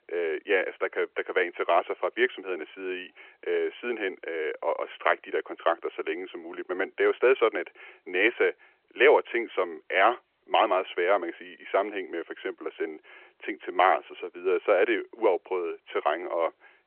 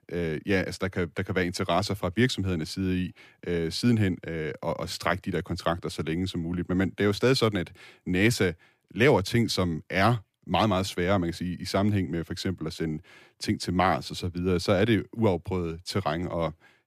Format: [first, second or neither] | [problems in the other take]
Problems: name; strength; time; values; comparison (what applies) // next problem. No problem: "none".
second | phone-call audio